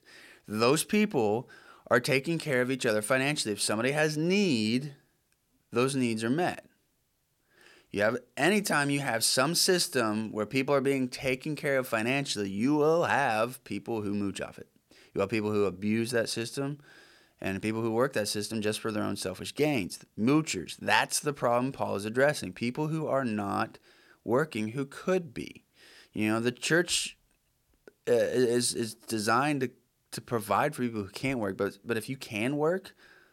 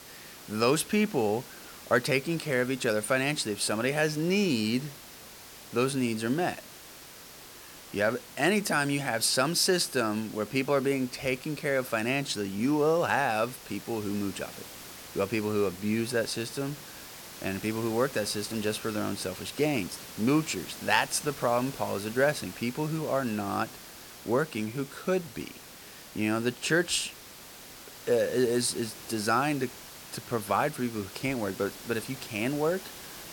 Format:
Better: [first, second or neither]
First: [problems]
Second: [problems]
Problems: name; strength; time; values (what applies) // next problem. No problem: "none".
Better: first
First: none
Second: hiss; noticeable; throughout; 15 dB below the speech